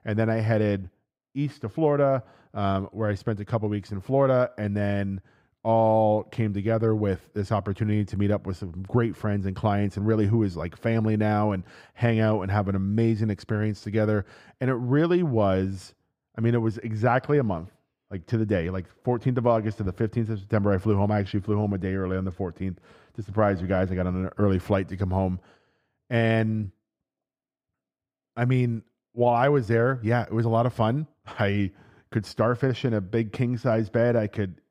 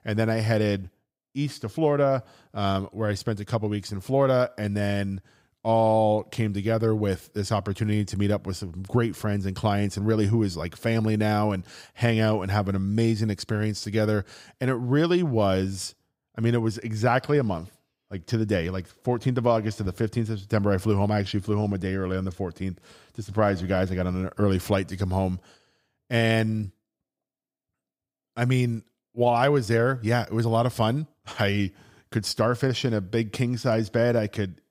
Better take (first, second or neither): second